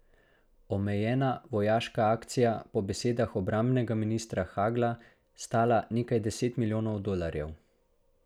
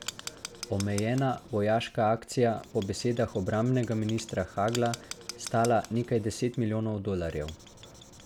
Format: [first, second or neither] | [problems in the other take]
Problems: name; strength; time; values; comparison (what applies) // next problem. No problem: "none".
first | background sound (Writing); 16 dB below the speech